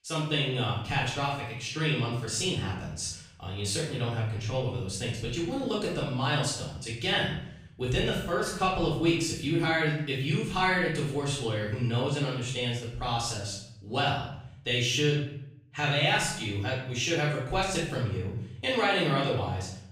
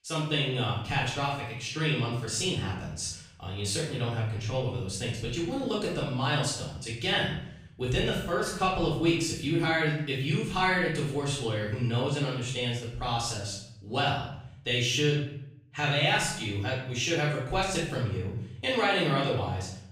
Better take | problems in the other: neither | off-mic speech; far; the same in both // room echo; noticeable; dies away in 0.7 s; the same in both

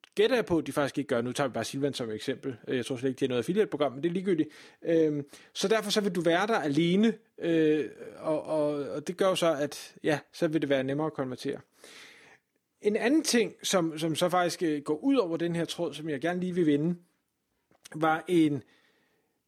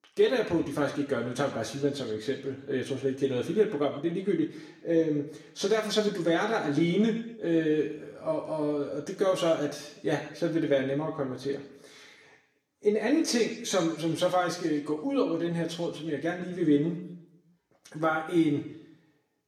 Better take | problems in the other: first | room echo; slight; dies away in 0.8 s // off-mic speech; somewhat distant

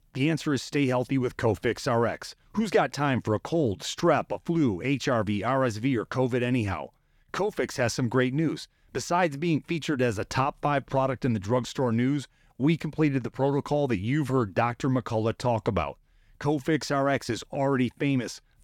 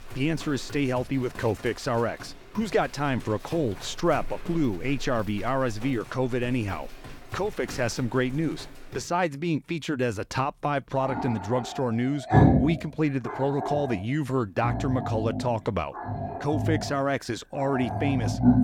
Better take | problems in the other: first | animal sounds; loud; throughout; 1 dB below the speech

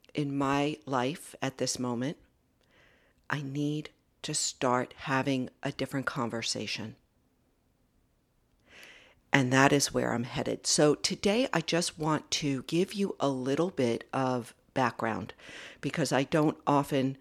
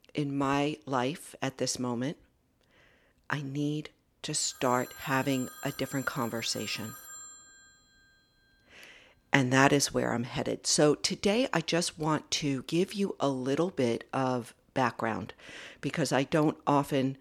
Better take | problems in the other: first | phone ringing; faint; from 4.5 to 8 s; peak 15 dB below the speech

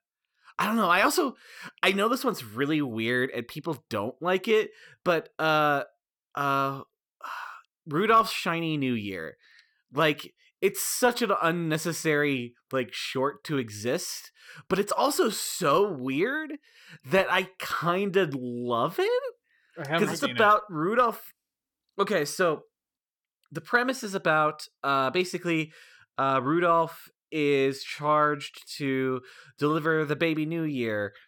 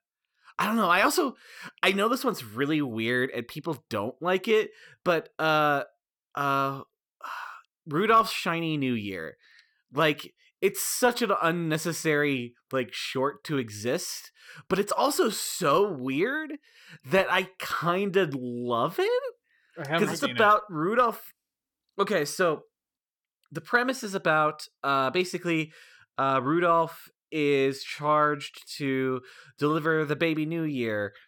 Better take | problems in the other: neither | none

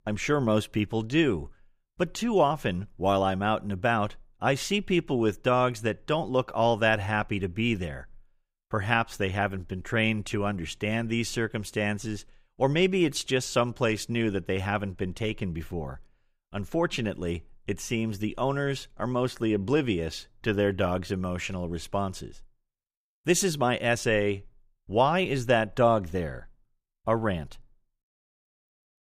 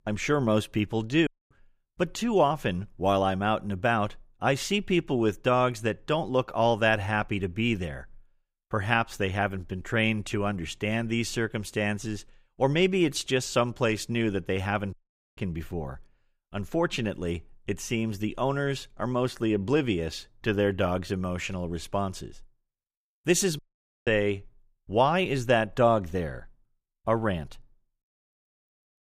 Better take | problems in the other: first | audio cutting out; at 1.5 s, at 15 s and at 24 s

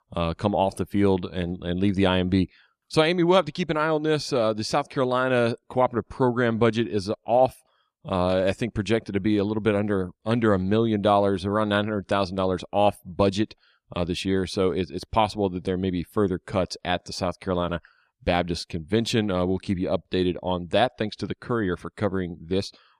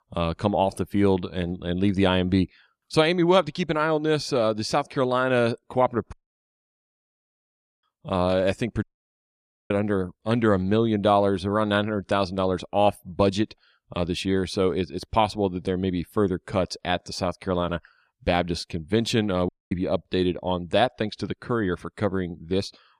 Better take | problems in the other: first | audio cutting out; at 6 s for 1.5 s, at 9 s for 1 s and at 19 s

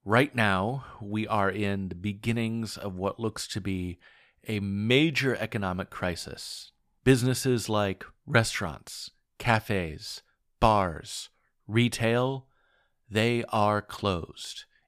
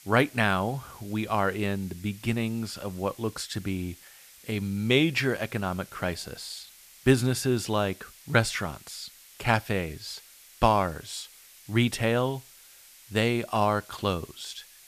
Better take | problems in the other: first | hiss; faint; throughout; 20 dB below the speech

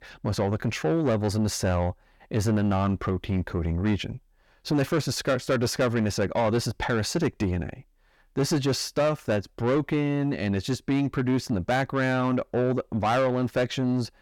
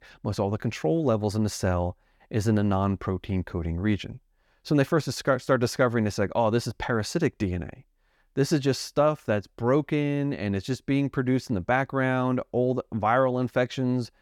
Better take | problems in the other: second | distortion; slight; 10 dB below the speech

